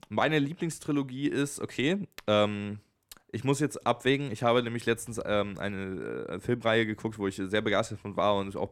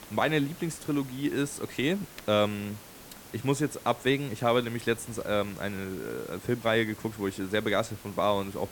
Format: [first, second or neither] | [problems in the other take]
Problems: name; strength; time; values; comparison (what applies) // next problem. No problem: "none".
first | hiss; noticeable; throughout; 15 dB below the speech